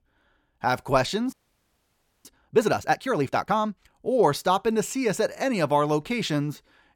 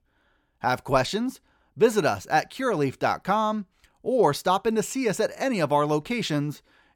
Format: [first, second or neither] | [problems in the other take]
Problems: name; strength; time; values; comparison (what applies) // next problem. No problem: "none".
second | audio freezing; at 1.5 s for 1 s